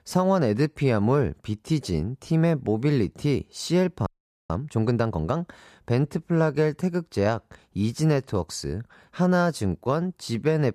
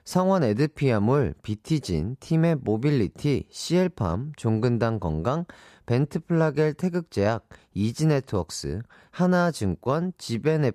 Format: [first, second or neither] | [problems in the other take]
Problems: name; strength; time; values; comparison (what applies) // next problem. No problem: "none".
second | audio freezing; at 4 s